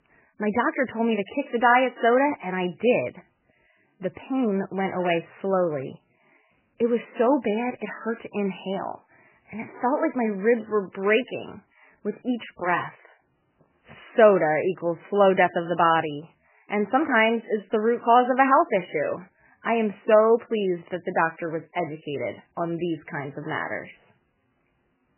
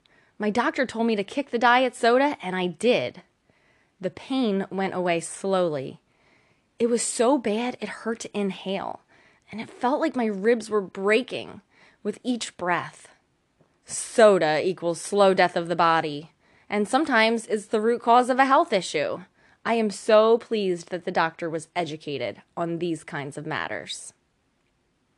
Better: second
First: garbled, watery; badly; nothing above 3 kHz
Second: none

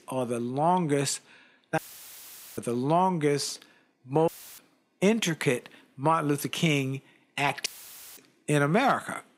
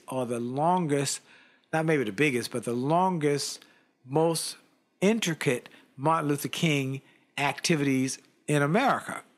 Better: second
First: audio cutting out; filled with static; at 2 s for 1 s, at 4.5 s and at 7.5 s for 0.5 s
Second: none

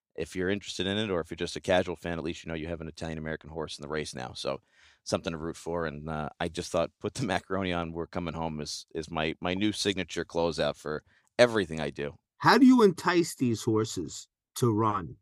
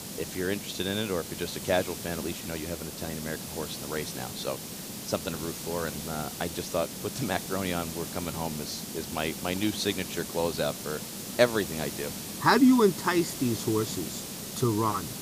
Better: first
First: none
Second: hiss; loud; throughout; 7 dB below the speech

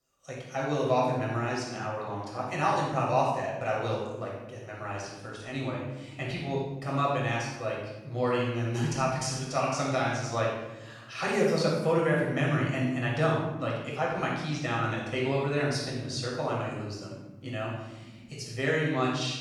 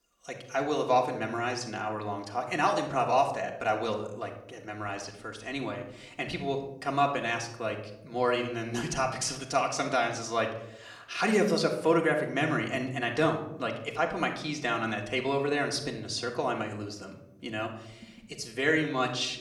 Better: second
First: room echo; strong; dies away in 1.2 s // off-mic speech; far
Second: room echo; slight; dies away in 0.6 s // off-mic speech; somewhat distant

